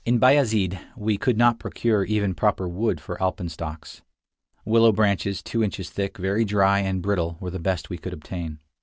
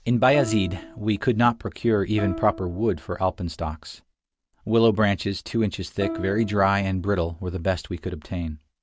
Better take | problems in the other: first | background sound (Plucked string instrument); 13 dB below the speech

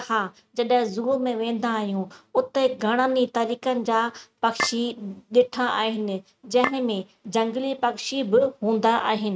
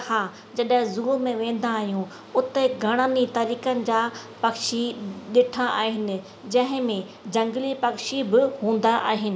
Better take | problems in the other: second | noise reduction (neural mask model RNNoise)

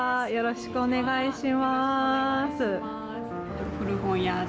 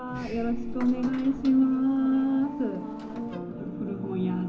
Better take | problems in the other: first | background sound (Sliding door); 15 dB below the speech // room echo; dies away in 0.3 s

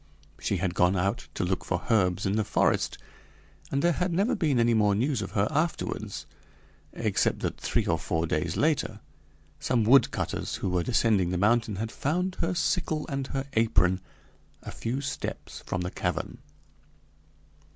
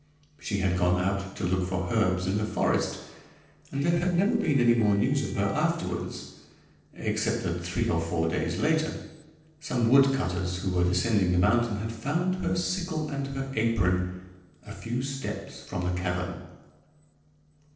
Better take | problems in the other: first | noise reduction (neural separator model SepFormer DNS4)

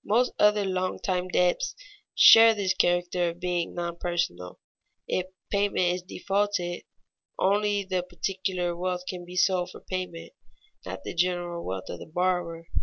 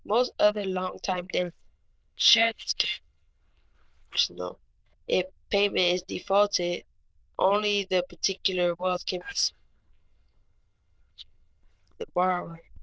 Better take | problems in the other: first | noise reduction (neural diffusion model UNIVERSE++)

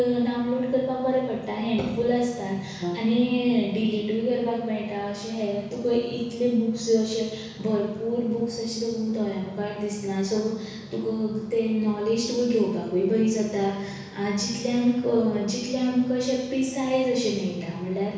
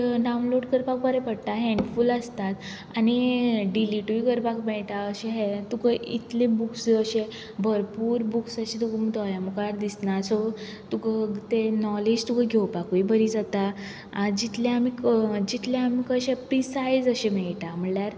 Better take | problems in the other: second | background sound (Brass instrument); 11 dB below the speech // room echo; dies away in 1.1 s

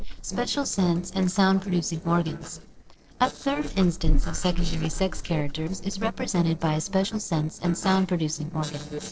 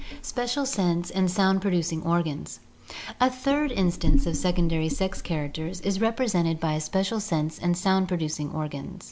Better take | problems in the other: second | noise reduction (neural separator model SepFormer DNS4)

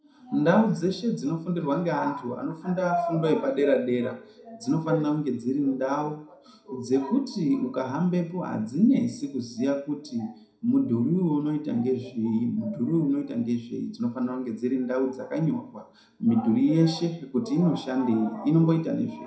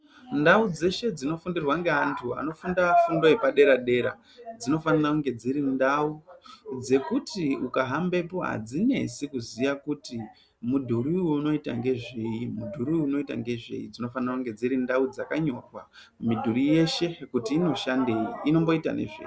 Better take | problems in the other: second | room echo; dies away in 0.4 s

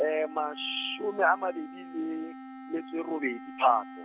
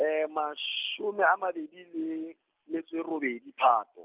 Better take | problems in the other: second | background sound (Wind instrument, woodwind instrument); 13 dB below the speech

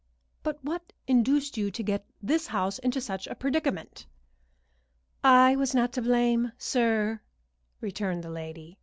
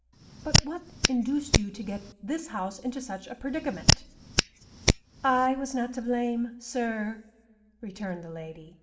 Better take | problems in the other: first | background sound (Hands); 4 dB above the speech // room echo; dies away in 1.6 s

